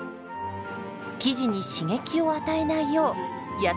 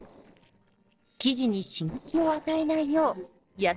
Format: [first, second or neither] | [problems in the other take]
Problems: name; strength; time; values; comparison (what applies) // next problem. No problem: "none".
first | noise reduction (neural separator model SepFormer DNS4)